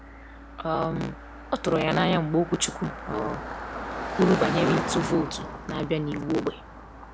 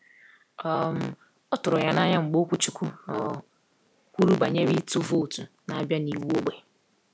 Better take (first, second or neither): second